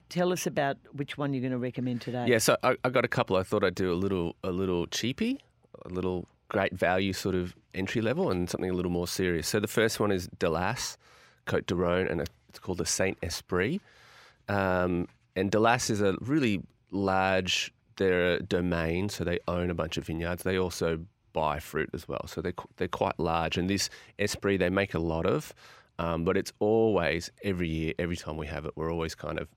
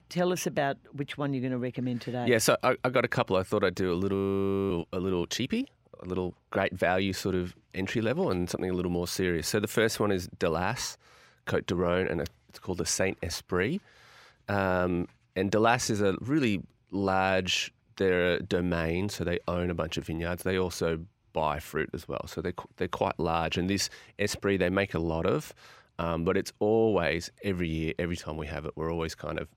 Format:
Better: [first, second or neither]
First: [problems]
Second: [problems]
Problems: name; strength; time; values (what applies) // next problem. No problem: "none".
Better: first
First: none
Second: audio freezing; at 4 s for 0.5 s